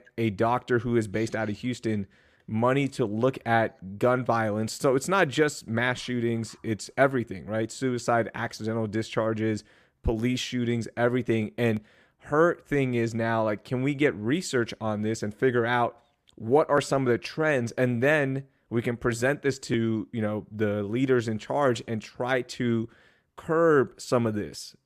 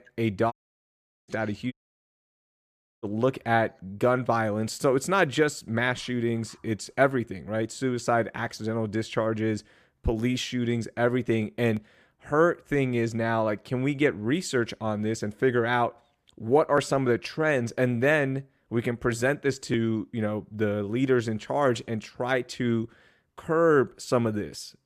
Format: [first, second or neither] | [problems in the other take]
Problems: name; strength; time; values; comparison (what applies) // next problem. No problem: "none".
first | audio cutting out; at 0.5 s for 1 s and at 1.5 s for 1.5 s